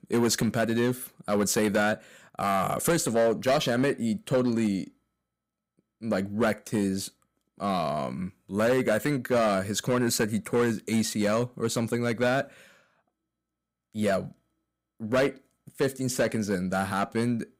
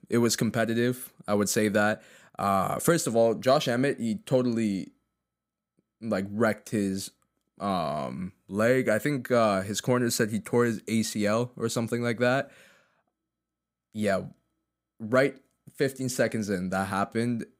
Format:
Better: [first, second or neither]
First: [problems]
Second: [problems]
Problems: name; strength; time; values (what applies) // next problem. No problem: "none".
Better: second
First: distortion; slight; 5% of the sound clipped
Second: none